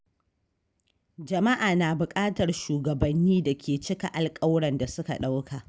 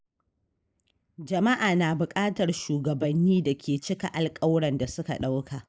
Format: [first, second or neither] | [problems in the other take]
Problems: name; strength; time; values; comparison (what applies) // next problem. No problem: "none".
first | noise reduction (neural mask model Resemble Enhance denoiser)